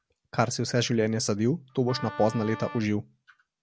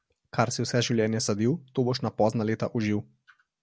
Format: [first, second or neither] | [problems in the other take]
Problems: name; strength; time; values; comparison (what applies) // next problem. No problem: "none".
second | background sound (Wind instrument, woodwind instrument); 13 dB below the speech